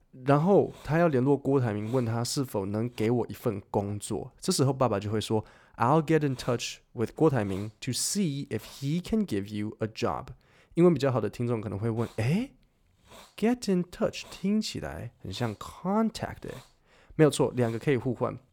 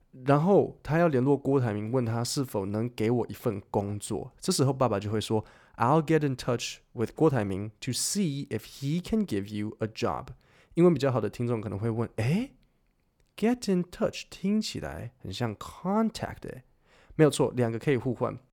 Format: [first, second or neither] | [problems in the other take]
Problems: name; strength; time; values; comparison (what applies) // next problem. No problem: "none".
second | hiss; faint; until 3 s, from 6 to 9 s and from 12 s on; 25 dB below the speech